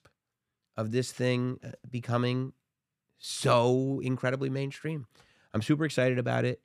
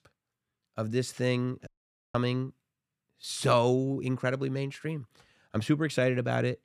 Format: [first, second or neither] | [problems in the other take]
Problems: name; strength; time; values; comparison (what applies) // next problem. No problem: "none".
first | audio cutting out; at 1.5 s